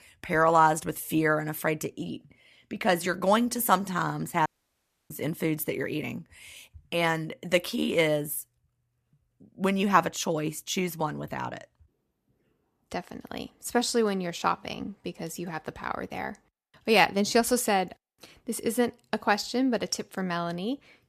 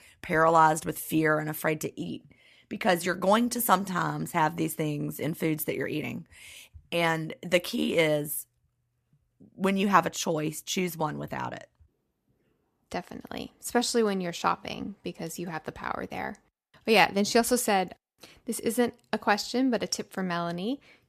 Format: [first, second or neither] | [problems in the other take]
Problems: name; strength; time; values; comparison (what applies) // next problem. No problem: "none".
second | audio cutting out; at 4.5 s for 0.5 s